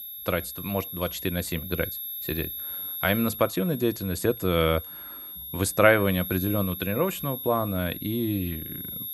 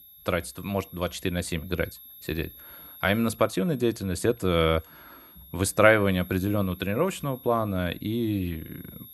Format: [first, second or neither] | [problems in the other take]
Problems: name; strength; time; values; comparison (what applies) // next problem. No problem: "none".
second | high-pitched whine; loud; throughout; 11.5 kHz, 8 dB below the speech; faint in the second